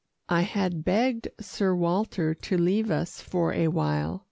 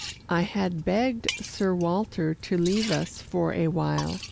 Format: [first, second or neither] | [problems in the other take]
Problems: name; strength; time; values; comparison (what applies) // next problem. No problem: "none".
first | background sound (Liquid); 12 dB below the speech